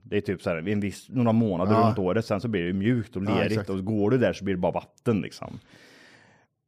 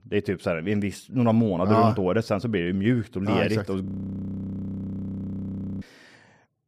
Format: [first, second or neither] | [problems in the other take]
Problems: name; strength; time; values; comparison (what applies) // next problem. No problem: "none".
first | audio freezing; at 4 s for 2 s